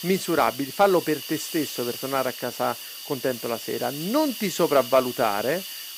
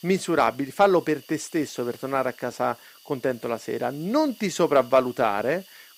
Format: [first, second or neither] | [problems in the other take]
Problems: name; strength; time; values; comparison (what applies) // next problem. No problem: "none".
second | hiss; loud; throughout; 8 dB below the speech; faint in the second